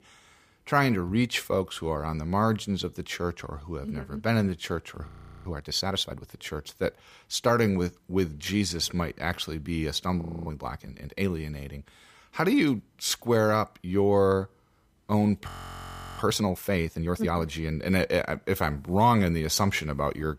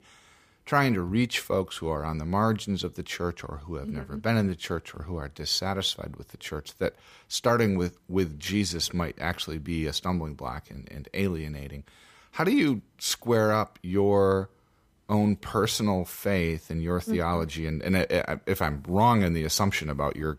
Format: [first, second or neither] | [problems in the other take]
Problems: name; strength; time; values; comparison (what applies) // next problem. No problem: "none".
second | audio freezing; at 5 s, at 10 s and at 15 s for 0.5 s